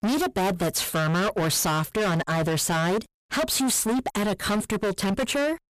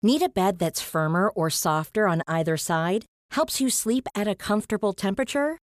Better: second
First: distortion; heavy; 35% of the sound clipped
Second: none

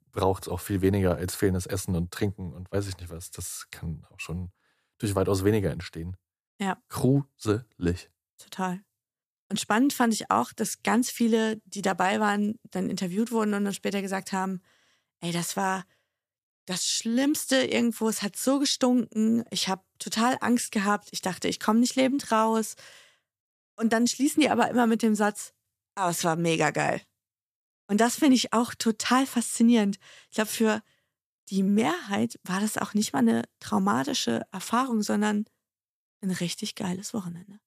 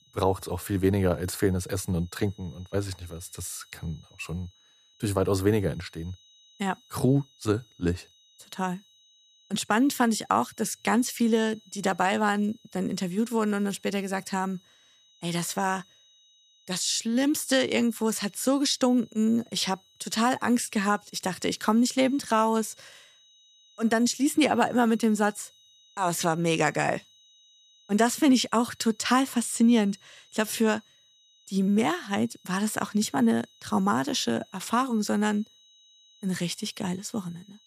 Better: first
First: none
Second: high-pitched whine; faint; throughout; 4 kHz, 30 dB below the speech

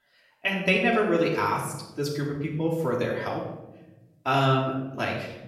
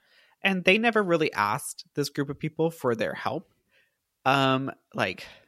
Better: second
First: off-mic speech; far // room echo; noticeable; dies away in 0.9 s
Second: none

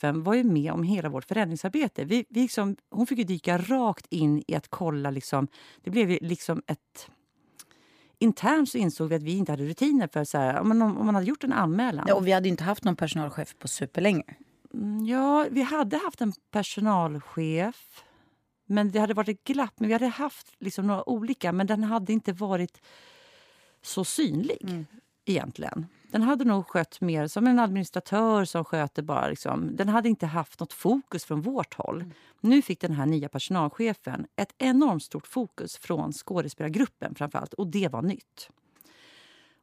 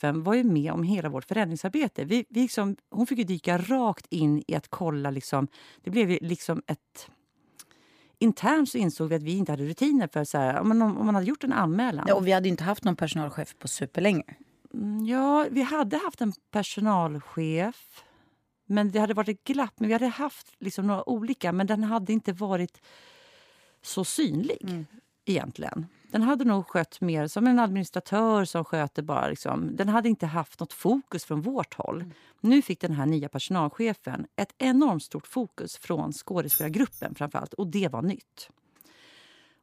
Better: first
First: none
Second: jangling keys; loud; at 37 s; peak 1 dB above the speech

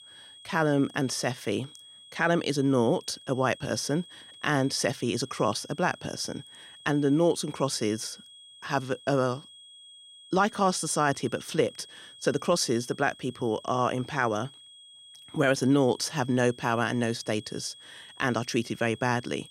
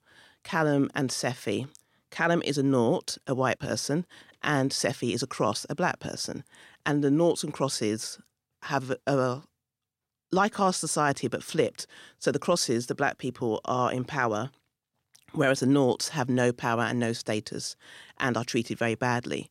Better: second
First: high-pitched whine; faint; throughout; 3.5 kHz, 20 dB below the speech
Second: none

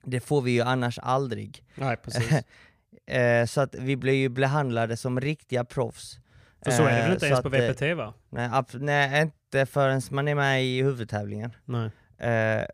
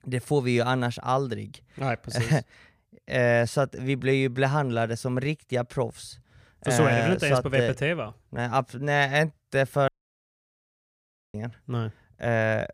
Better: first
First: none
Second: audio cutting out; at 10 s for 1.5 s

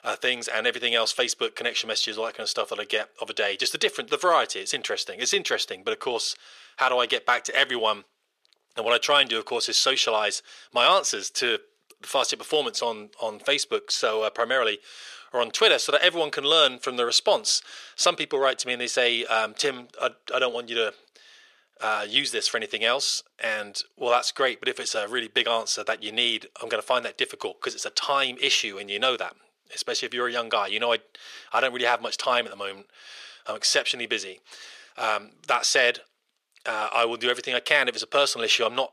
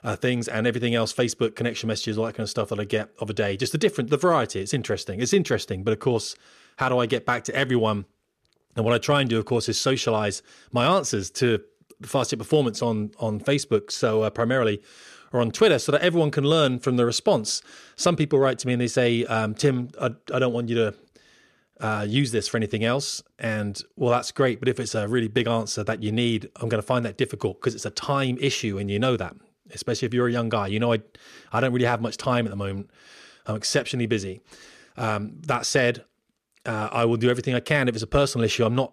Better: second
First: thin; very; fading below 650 Hz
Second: none

